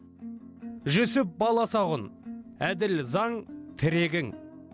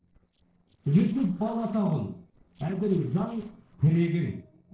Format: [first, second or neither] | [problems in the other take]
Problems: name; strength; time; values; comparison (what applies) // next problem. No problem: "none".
first | noise reduction (neural separator model SepFormer DNS4)